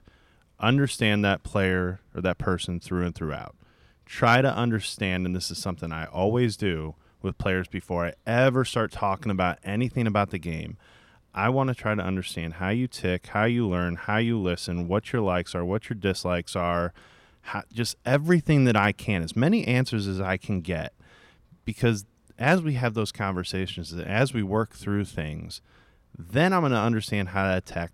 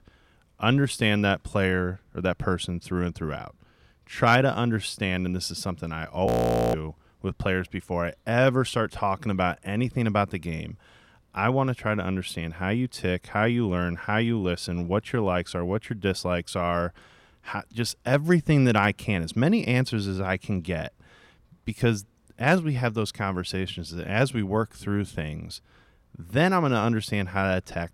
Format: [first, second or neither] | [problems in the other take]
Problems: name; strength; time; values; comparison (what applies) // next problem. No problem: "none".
first | audio freezing; at 6.5 s